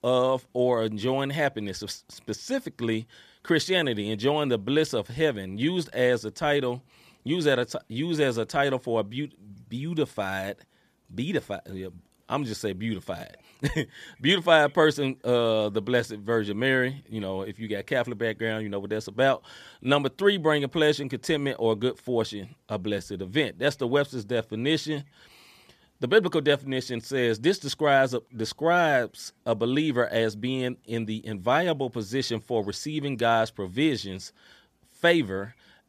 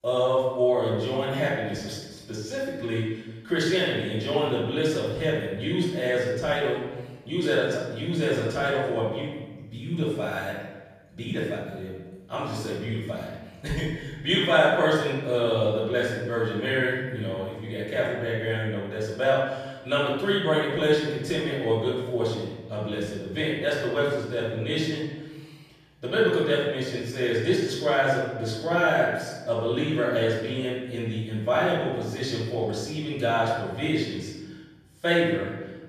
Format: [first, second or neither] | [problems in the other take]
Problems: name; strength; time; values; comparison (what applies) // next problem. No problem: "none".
first | off-mic speech; far // room echo; noticeable; dies away in 1.1 s